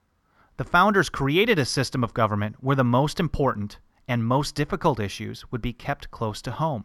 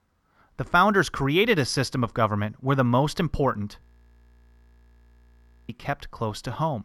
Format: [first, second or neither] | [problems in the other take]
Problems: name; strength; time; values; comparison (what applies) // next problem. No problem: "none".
first | audio freezing; at 4 s for 2 s